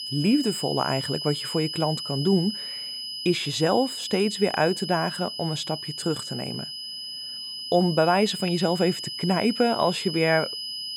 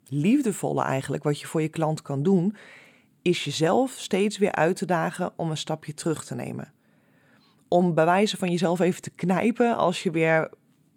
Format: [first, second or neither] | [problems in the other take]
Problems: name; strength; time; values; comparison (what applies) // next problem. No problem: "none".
second | high-pitched whine; loud; throughout; 5 kHz, 6 dB below the speech